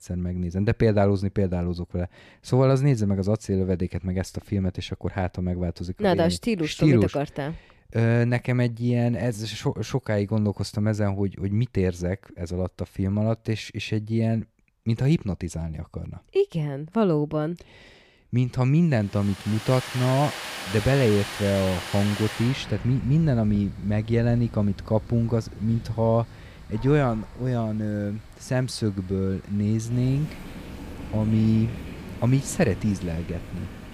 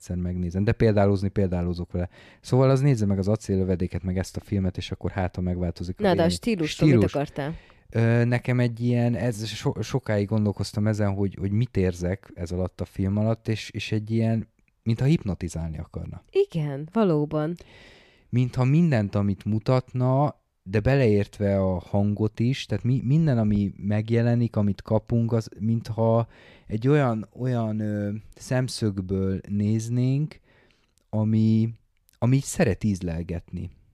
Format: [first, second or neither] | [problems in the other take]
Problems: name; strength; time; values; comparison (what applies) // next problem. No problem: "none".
second | rain or running water; noticeable; from 19 s on; 10 dB below the speech